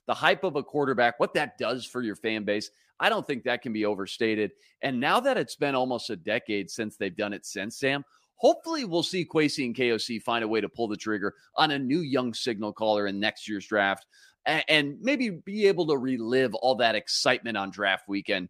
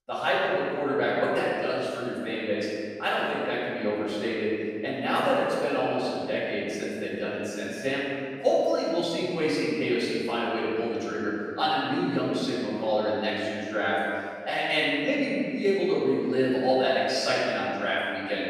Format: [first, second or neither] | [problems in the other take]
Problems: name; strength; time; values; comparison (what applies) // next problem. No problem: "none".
first | off-mic speech; far // room echo; strong; dies away in 1.9 s